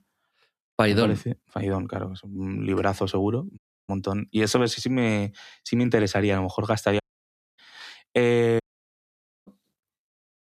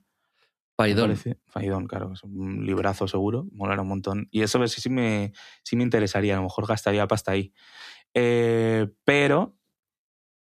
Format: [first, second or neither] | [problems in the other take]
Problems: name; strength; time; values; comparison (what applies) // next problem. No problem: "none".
second | audio cutting out; at 3.5 s, at 7 s for 0.5 s and at 8.5 s for 1 s